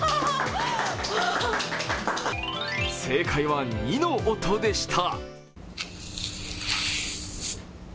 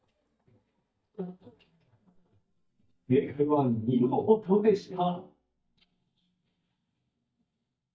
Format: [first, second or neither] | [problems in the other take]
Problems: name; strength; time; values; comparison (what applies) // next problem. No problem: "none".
first | noise reduction (neural mask model DeepFilterNet 3)